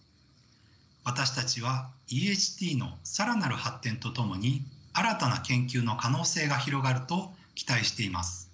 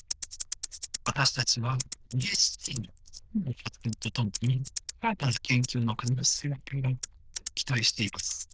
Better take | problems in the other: first | noise reduction (neural diffusion model UNIVERSE++)

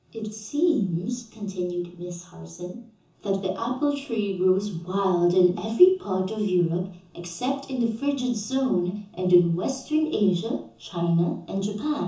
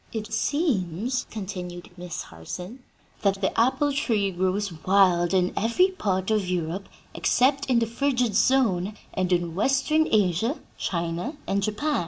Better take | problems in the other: second | room echo; dies away in 0.6 s

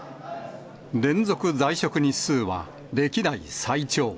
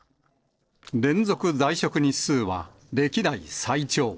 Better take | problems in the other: first | noise reduction (neural separator model SepFormer DNS4)

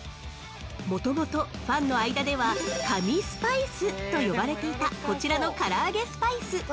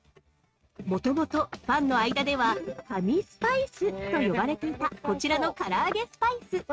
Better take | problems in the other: first | noise reduction (neural mask model RNNoise)

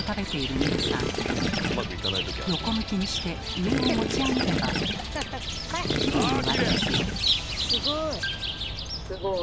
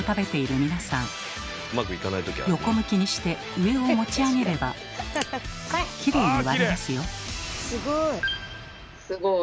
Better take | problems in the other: second | background sound (Chirp, tweet + Gurgling / Liquid); 2 dB above the speech

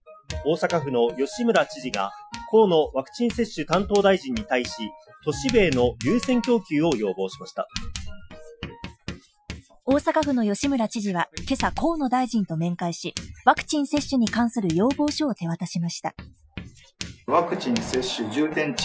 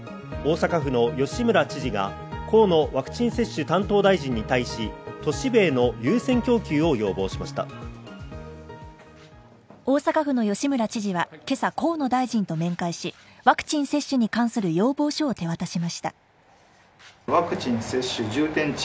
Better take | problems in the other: second | noise reduction (classical method Wiener filter)

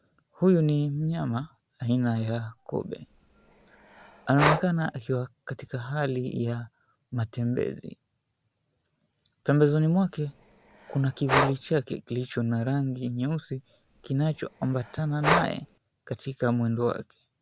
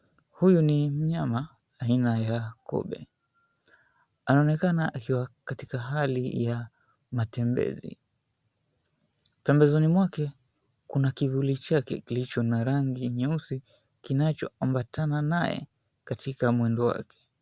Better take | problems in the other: second | background sound (Breathing); 4 dB below the speech

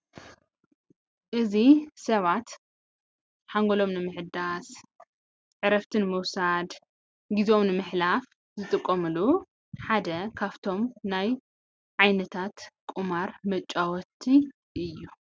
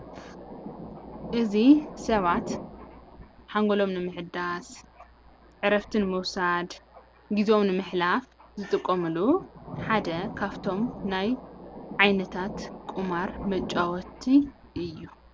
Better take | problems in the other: first | background sound (Thunder); 13 dB below the speech

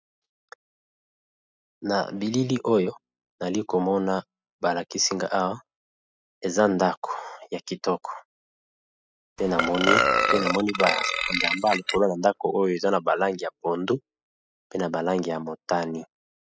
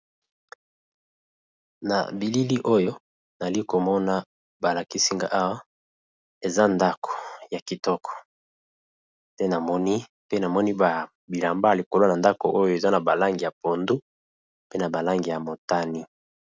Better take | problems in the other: second | noise reduction (classical method spectral subtraction)

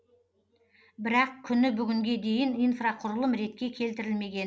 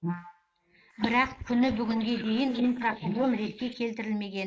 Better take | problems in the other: first | noise reduction (neural mask model Resemble Enhance denoiser)

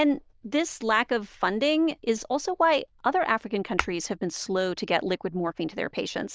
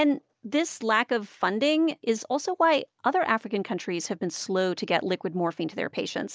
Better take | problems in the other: second | noise reduction (neural diffusion model UNIVERSE++)

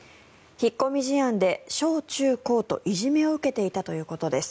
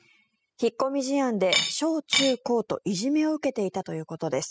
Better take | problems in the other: first | noise reduction (classical method spectral subtraction)

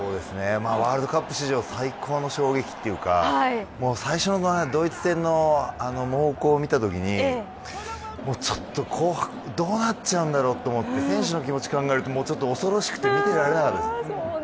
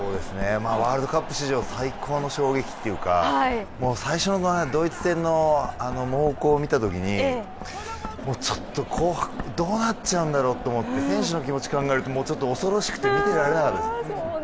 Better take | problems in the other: first | background sound (Writing); 14 dB below the speech

